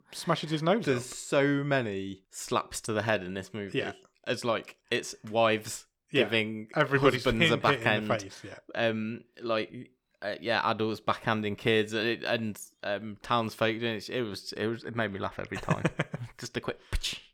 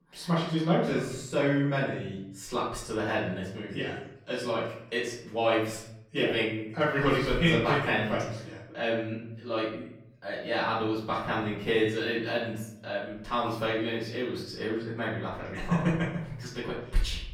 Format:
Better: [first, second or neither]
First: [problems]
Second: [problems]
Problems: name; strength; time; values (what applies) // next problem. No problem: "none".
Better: first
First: none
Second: off-mic speech; far // room echo; noticeable; dies away in 0.7 s